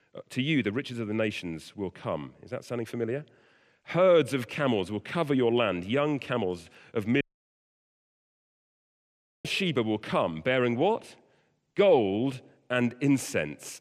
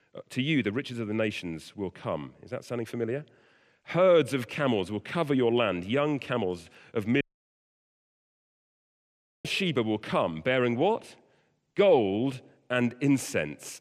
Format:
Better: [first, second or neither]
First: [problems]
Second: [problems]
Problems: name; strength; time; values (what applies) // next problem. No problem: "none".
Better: neither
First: audio cutting out; at 7 s for 2 s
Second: audio cutting out; at 7 s for 2 s